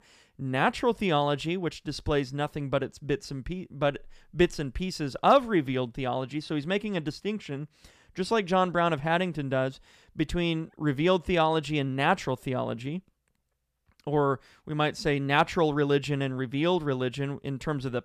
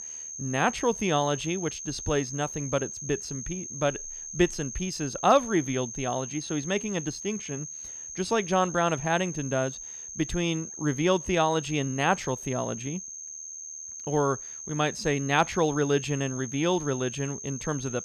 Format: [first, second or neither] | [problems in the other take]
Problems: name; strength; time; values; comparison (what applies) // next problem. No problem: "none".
first | high-pitched whine; loud; throughout; 6.5 kHz, 9 dB below the speech